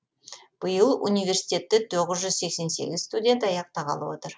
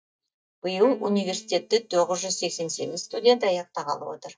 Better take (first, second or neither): first